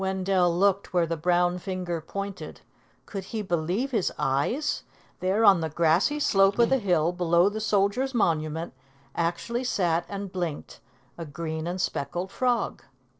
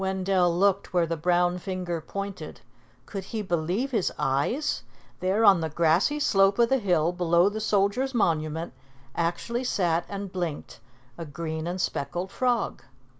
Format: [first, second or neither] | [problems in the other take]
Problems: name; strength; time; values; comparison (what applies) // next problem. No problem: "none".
second | noise reduction (neural separator model SepFormer DNS4)